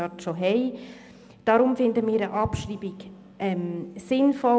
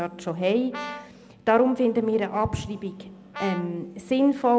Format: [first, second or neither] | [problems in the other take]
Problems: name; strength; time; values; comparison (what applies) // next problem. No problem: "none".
first | background sound (Brass instrument); 15 dB below the speech